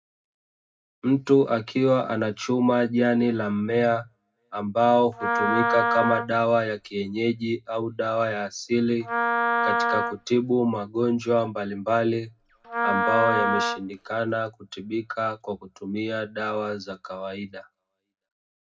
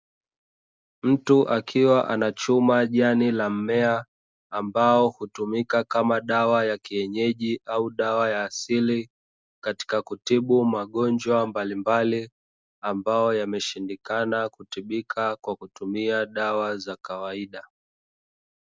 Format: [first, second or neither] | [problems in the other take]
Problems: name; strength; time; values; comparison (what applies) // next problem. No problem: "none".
second | background sound (Wind instrument, woodwind instrument); 1 dB below the speech // room echo; dies away in 0.2 s